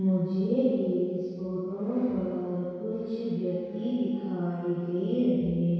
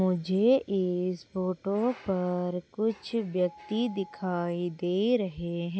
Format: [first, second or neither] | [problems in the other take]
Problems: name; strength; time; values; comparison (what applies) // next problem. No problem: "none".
second | room echo; dies away in 2 s